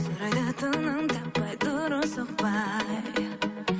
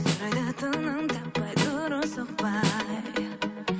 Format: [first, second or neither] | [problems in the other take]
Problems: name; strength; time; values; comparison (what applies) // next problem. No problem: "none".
first | background sound (Snare drum); 4 dB below the speech